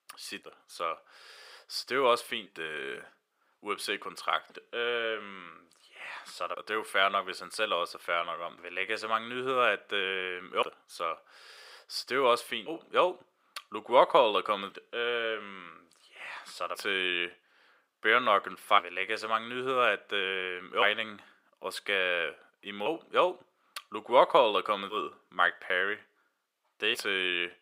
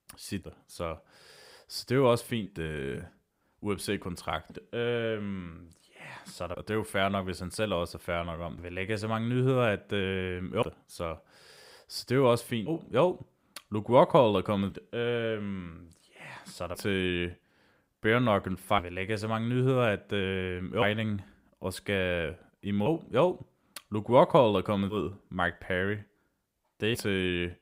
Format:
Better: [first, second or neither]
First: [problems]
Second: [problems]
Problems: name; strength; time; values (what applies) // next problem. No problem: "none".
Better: second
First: thin; very; fading below 450 Hz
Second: none